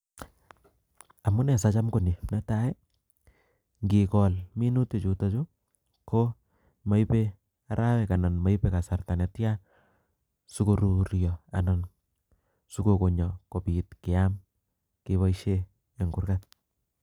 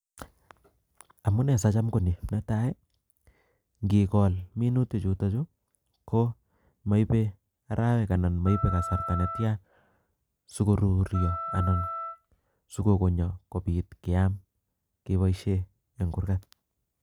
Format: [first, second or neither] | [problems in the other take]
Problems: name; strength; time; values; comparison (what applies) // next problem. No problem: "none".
first | background sound (Wind instrument, woodwind instrument); 9 dB below the speech